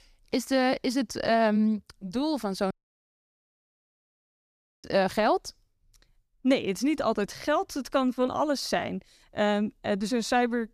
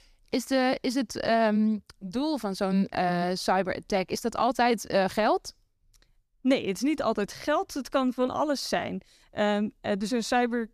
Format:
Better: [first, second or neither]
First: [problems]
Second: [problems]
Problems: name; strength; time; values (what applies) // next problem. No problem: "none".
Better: second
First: audio cutting out; at 2.5 s for 2 s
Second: none